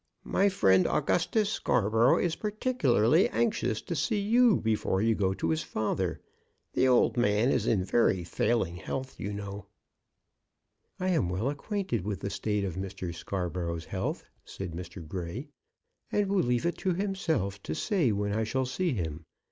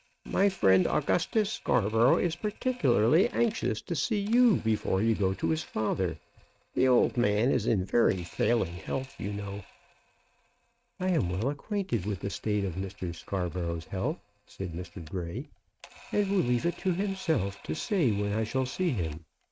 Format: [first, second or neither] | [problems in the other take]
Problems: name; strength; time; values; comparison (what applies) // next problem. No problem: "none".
first | noise reduction (neural mask model RNNoise)